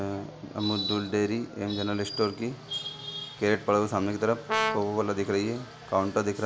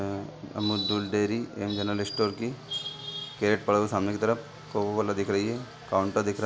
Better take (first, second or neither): second